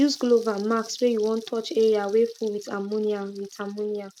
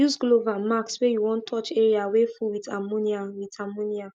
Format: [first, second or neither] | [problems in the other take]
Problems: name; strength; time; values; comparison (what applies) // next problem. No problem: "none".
second | noise reduction (neural mask model RNNoise)